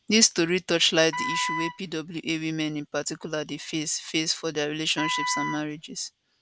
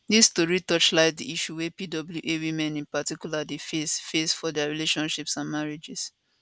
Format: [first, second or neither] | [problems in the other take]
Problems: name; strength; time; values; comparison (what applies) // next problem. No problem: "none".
second | background sound (Wind instrument, woodwind instrument); 5 dB below the speech